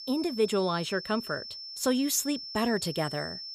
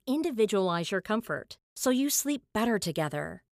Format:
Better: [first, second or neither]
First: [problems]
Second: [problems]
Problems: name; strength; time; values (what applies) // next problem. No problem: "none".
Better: second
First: high-pitched whine; loud; throughout; 5.5 kHz, 9 dB below the speech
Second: none